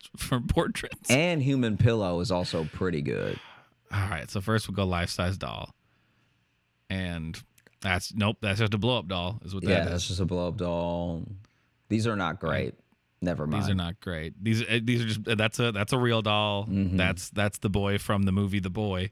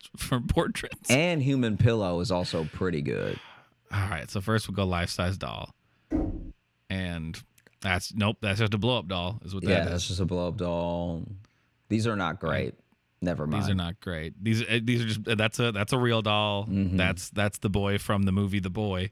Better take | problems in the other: first | door banging; noticeable; at 6 s; peak 3 dB below the speech

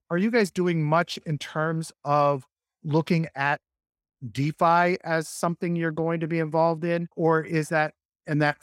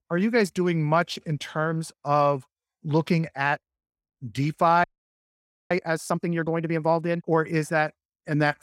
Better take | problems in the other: first | audio freezing; at 5 s for 1 s

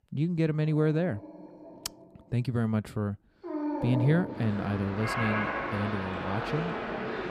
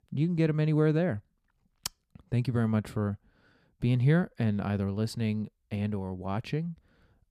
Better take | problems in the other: second | animal sounds; loud; throughout; 3 dB below the speech

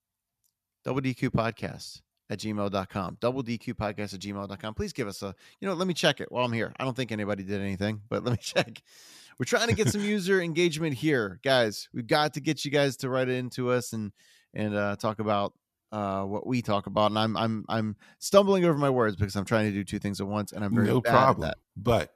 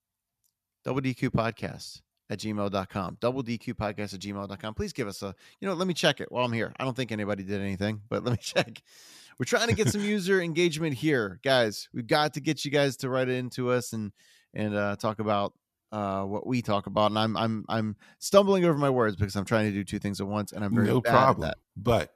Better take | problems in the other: neither | none

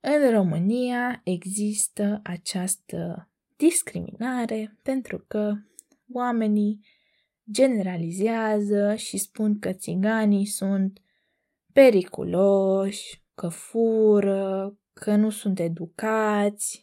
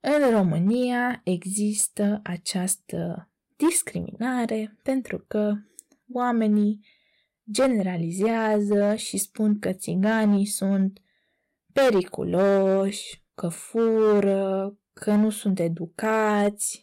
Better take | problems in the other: first | distortion; slight; 5% of the sound clipped

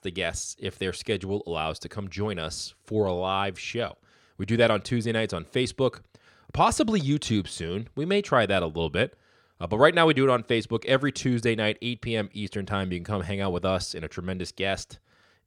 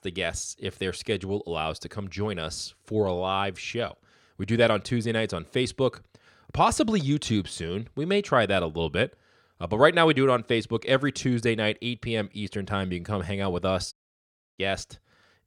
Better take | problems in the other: first | audio cutting out; at 14 s for 0.5 s

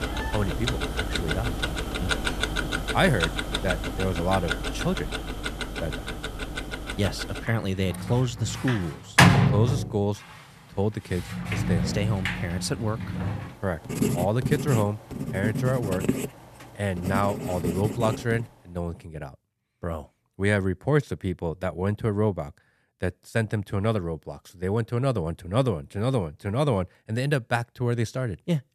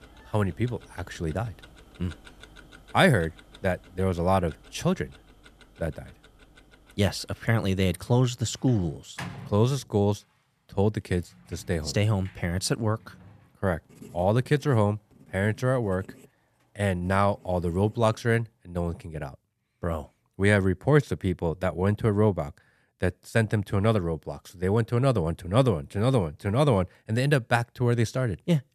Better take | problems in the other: second | household noises; loud; until 19 s; as loud as the speech; faint in the second

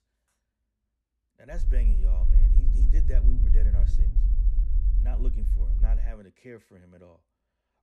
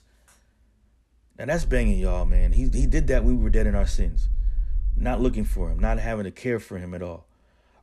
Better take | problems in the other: second | low rumble; loud; from 1.5 to 6 s; 1 dB below the speech; faint in the second

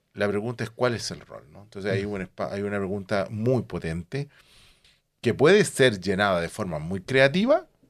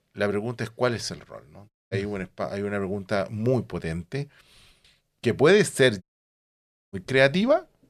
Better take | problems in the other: first | audio cutting out; at 1.5 s and at 6 s for 1 s

